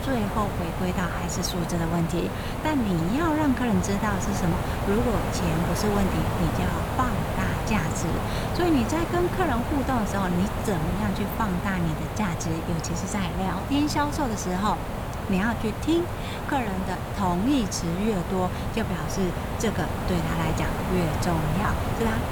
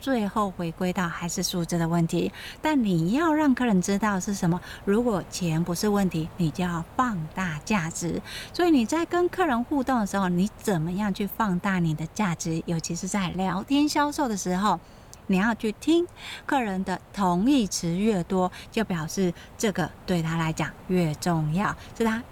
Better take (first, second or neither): second